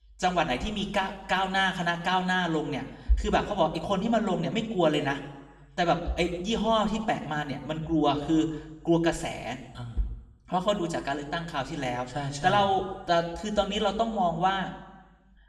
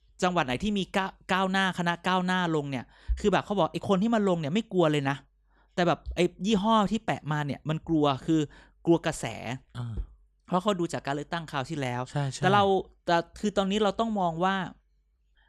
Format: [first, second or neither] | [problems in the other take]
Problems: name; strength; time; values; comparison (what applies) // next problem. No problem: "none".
second | room echo; slight; dies away in 0.9 s // off-mic speech; somewhat distant